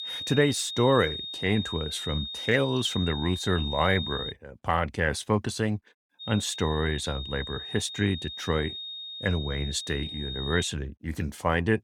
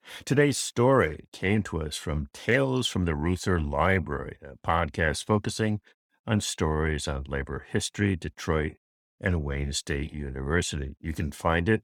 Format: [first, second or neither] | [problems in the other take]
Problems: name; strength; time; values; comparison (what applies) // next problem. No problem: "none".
second | high-pitched whine; loud; until 4.5 s and from 6 to 11 s; 3.5 kHz, 6 dB below the speech